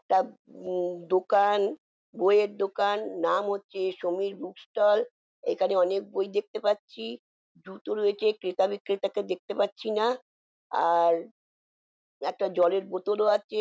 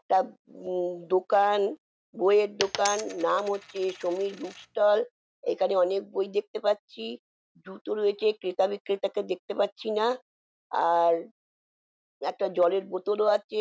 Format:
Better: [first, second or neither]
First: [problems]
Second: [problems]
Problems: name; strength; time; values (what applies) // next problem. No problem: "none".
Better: first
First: none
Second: background sound (Coin (dropping)); 12 dB below the speech